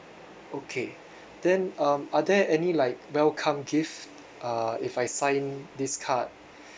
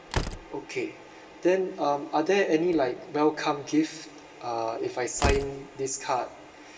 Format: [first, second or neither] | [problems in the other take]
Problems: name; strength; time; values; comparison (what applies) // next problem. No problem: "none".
first | background sound (Slam); 10 dB below the speech // room echo; dies away in 1.4 s